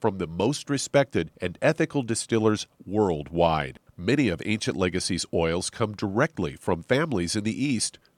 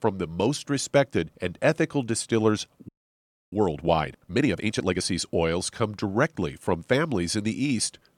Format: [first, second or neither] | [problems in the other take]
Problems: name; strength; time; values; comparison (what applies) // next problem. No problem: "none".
first | audio freezing; at 3 s for 0.5 s